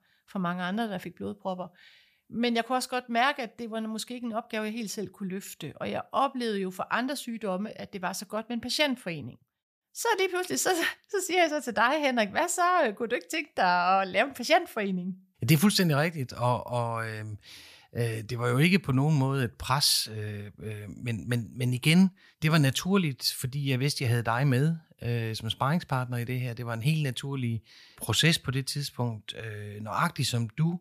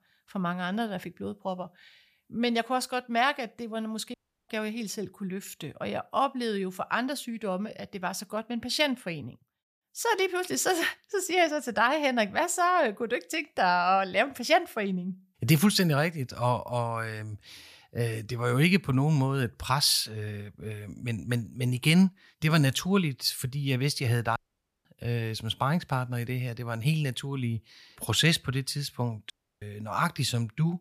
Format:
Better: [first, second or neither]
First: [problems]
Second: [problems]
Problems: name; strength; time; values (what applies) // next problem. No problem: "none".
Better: first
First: none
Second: audio cutting out; at 4 s, at 24 s and at 29 s